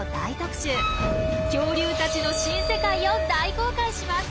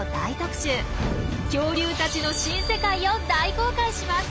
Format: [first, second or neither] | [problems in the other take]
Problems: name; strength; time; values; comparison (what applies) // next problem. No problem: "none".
second | background sound (Wind instrument, woodwind instrument); 4 dB below the speech